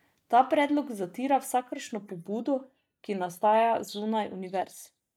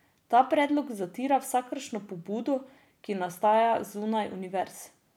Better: second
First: noise reduction (neural mask model DeepFilterNet 3)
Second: none

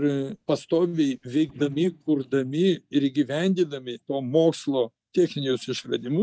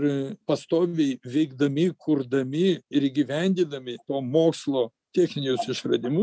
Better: second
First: noise reduction (neural mask model DeepFilterNet 3)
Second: none

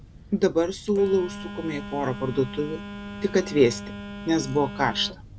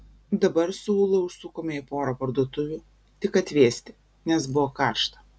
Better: second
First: background sound (Telephone); 12 dB below the speech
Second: none

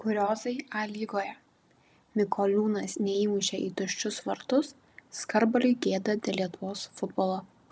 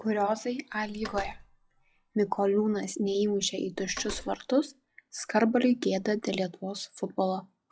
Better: first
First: none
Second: noise reduction (classical method log-MMSE)

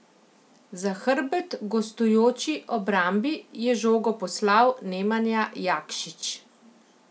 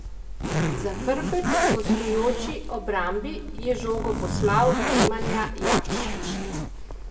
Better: first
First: none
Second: background sound (Zipper (clothing)); 2 dB above the speech // room echo; dies away in 0.9 s

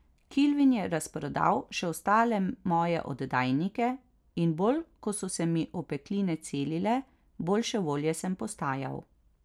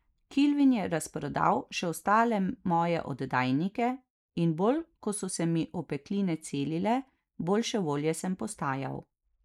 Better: first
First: none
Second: noise reduction (neural mask model Resemble Enhance denoiser)

